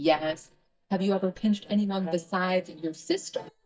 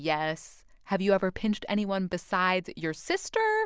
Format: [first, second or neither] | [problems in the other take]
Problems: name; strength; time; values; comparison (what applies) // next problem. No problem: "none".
second | noise reduction (neural mask model DeepFilterNet 3)